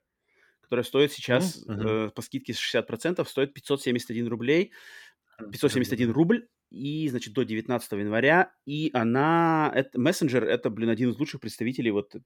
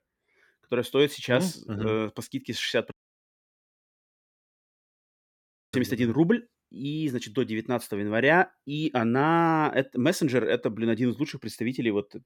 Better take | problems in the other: first | audio cutting out; at 3 s for 3 s

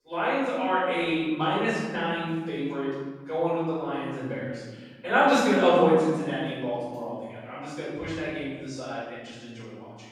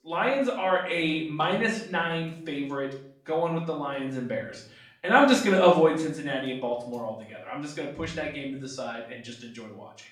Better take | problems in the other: second | room echo; strong; dies away in 1.4 s; slight in the second // off-mic speech; far; far in the second

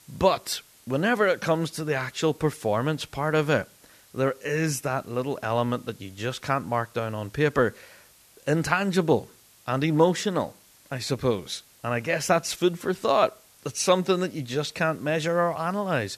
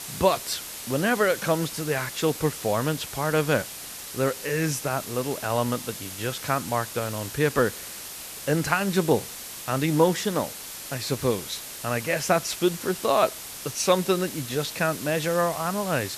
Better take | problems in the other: first | hiss; loud; throughout; 9 dB below the speech; faint in the first

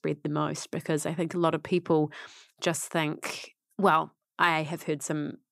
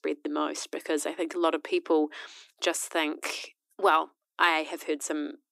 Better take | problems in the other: first | thin; somewhat; fading below 300 Hz

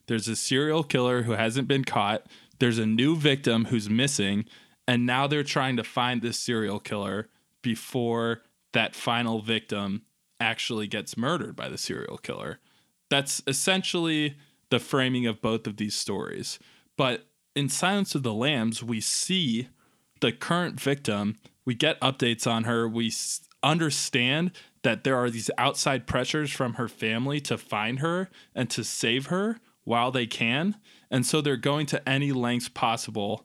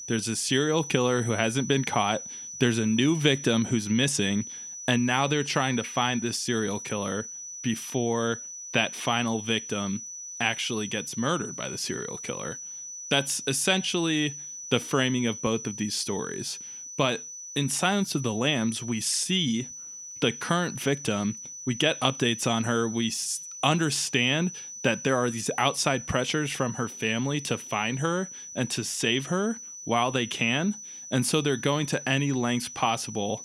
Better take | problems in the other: first | high-pitched whine; noticeable; throughout; 6 kHz, 10 dB below the speech

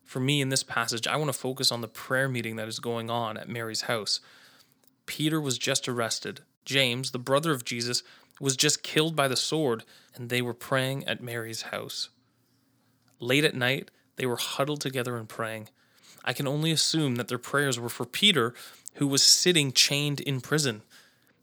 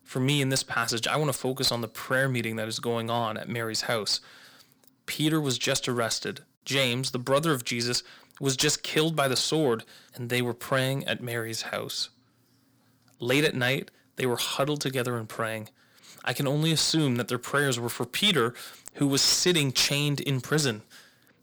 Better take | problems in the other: first | distortion; slight; 10 dB below the speech

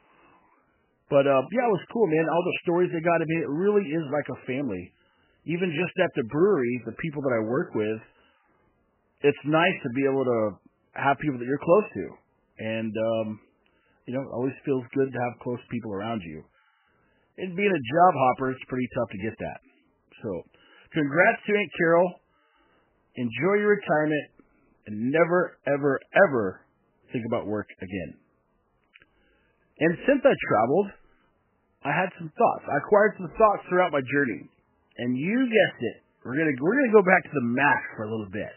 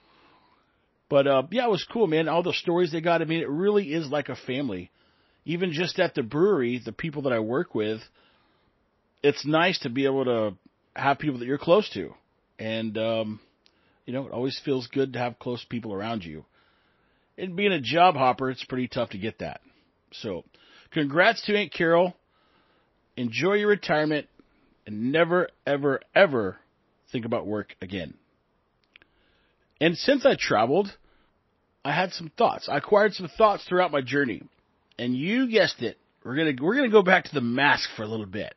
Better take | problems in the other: second | garbled, watery; badly; nothing above 3 kHz; slightly in the second

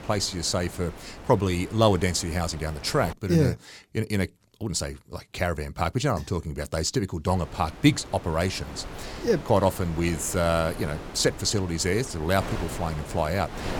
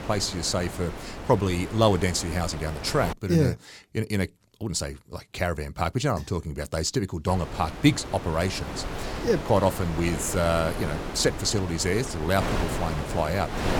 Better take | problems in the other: first | wind noise on the microphone; heavy; until 3 s and from 7.5 s on; 8 dB below the speech; occasional gusts in the first

